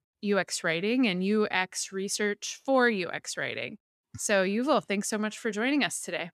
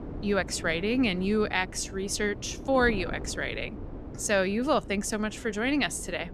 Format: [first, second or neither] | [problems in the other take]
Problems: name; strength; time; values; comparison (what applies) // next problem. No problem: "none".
first | wind noise on the microphone; occasional gusts; 15 dB below the speech